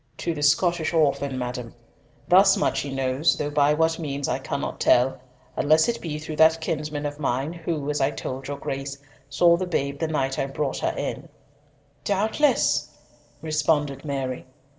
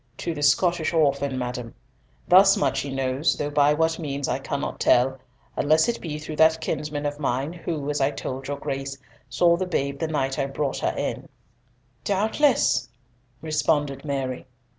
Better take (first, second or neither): second